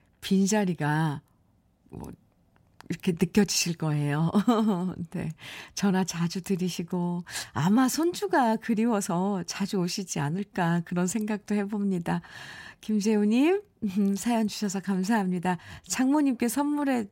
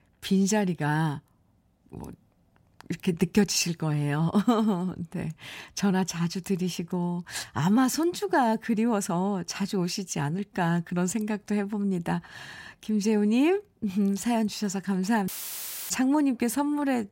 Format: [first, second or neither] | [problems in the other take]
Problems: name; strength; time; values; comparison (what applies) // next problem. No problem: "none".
first | audio cutting out; filled with static; at 15 s for 0.5 s